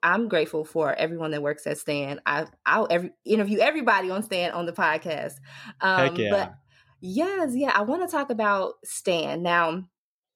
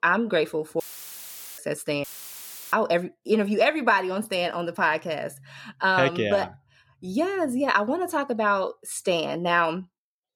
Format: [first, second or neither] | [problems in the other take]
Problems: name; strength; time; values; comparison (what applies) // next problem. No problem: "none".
first | audio cutting out; filled with static; at 1 s for 1 s and at 2 s for 0.5 s